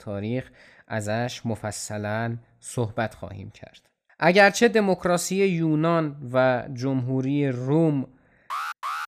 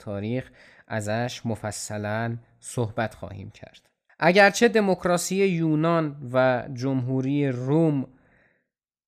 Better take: second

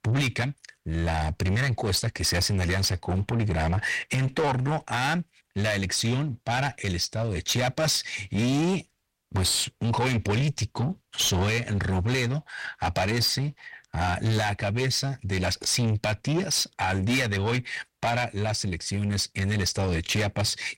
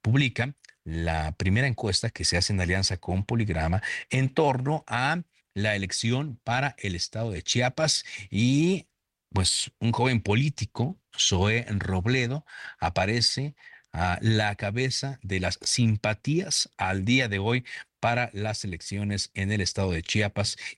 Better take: second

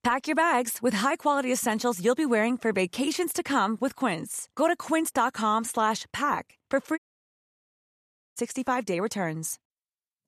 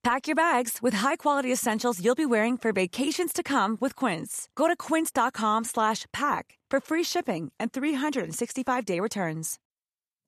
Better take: second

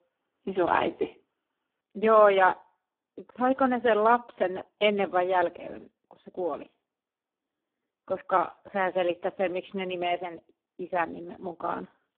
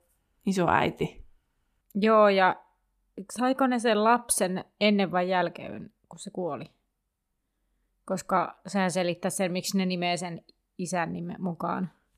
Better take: second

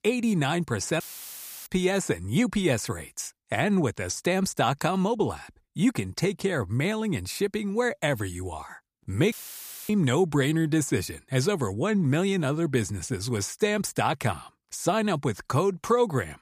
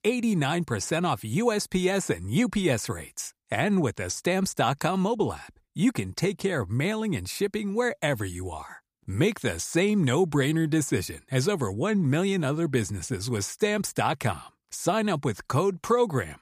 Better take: second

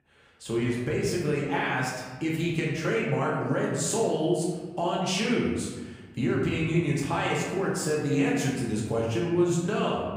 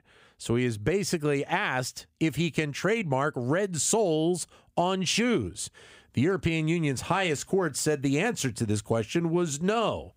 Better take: second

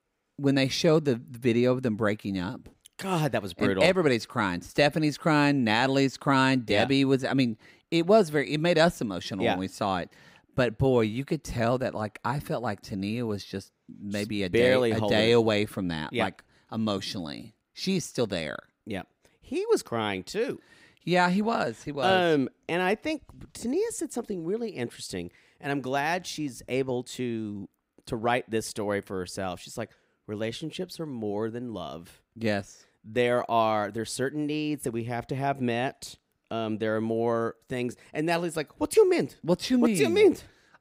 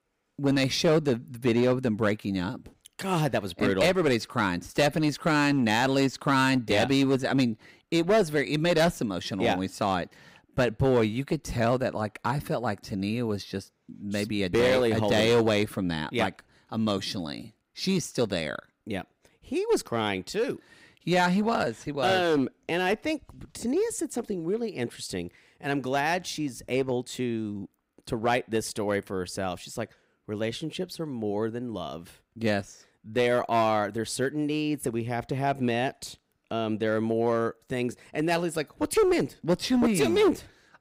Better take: first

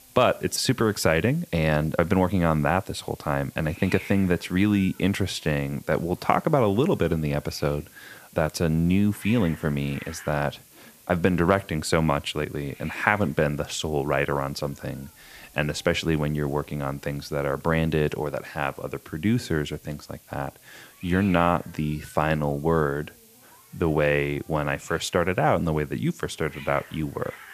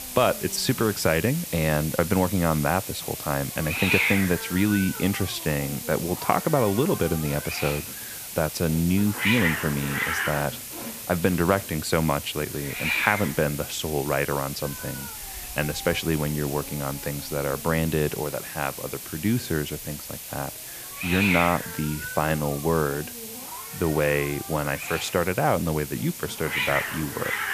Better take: first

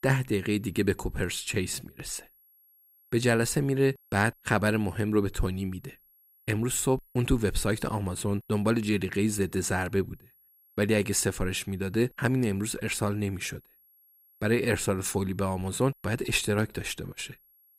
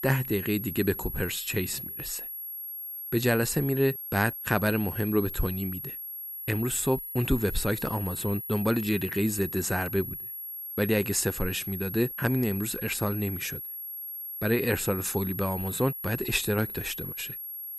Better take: first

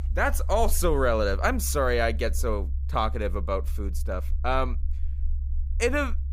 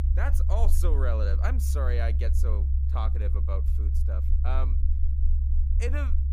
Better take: first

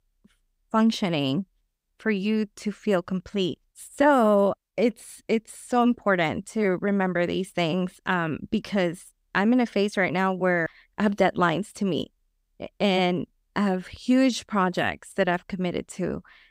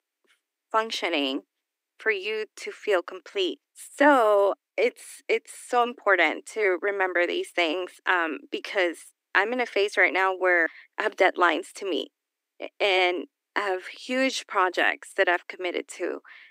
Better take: first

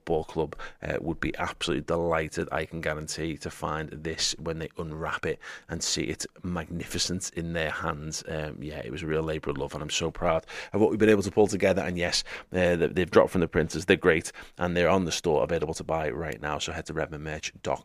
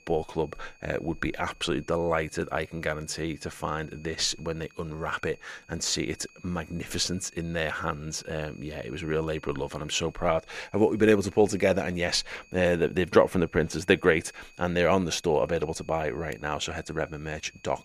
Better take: first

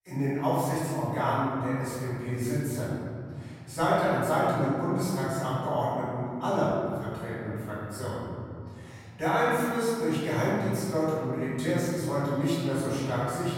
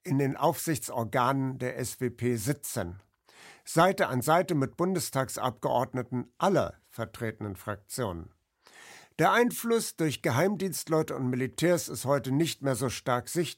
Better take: second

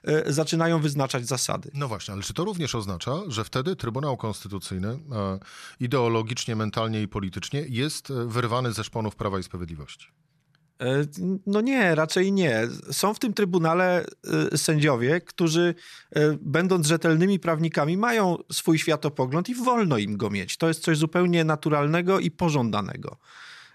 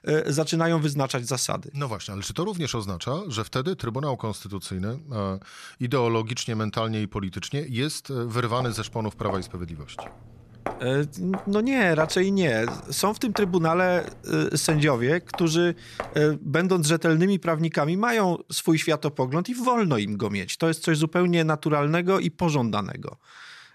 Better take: first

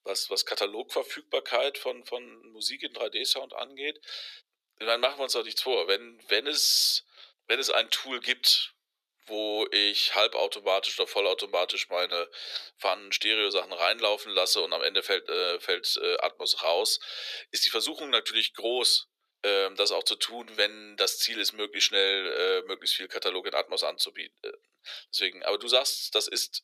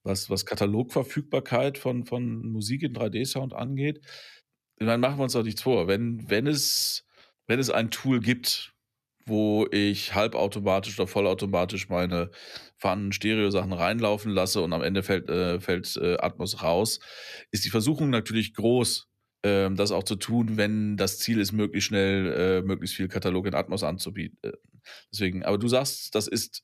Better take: second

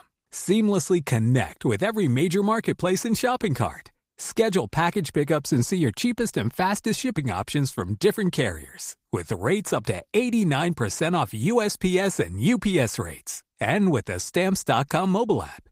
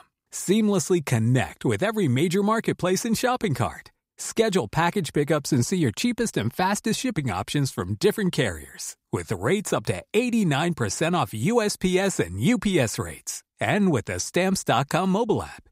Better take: second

